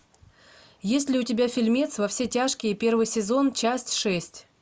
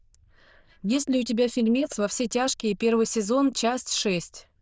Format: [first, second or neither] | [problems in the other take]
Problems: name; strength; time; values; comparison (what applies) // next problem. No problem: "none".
first | noise reduction (neural diffusion model UNIVERSE++)